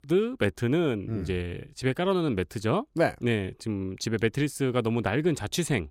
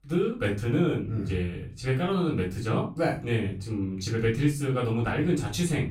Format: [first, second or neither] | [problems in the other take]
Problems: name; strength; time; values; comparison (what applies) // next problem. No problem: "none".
first | off-mic speech; far // room echo; slight; dies away in 0.3 s